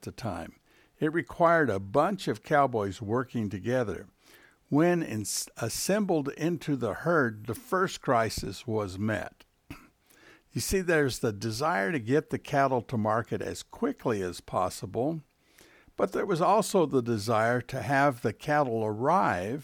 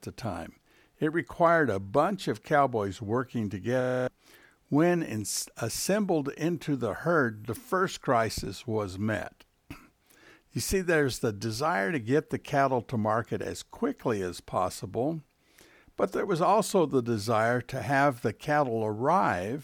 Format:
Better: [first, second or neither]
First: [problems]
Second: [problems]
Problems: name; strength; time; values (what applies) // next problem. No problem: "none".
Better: first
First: none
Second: audio freezing; at 4 s